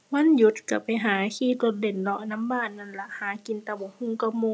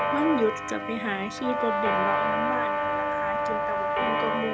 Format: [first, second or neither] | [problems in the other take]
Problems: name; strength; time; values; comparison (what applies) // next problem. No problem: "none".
first | background sound (Clock + Brass instrument); 4 dB above the speech